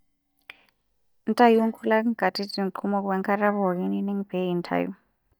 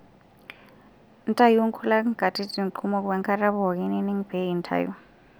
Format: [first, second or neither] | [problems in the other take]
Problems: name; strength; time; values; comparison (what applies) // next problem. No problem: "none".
second | noise reduction (neural mask model DeepFilterNet 3)